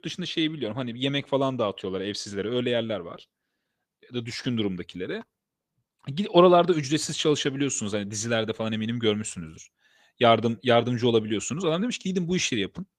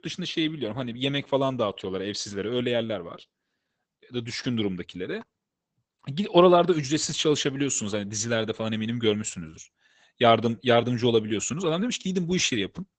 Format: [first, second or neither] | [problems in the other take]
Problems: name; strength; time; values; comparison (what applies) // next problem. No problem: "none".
first | garbled, watery; badly; nothing above 7.5 kHz; slightly in the first